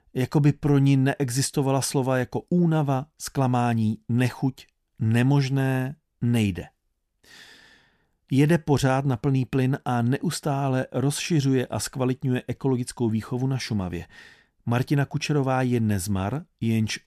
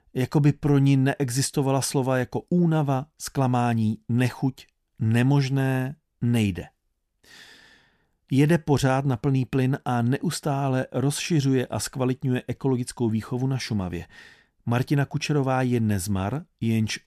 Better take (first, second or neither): neither